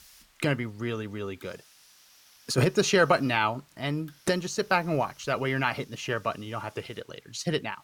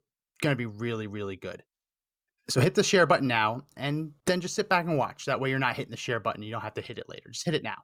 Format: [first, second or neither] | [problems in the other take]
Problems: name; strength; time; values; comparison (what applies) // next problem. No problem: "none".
second | hiss; faint; throughout; 30 dB below the speech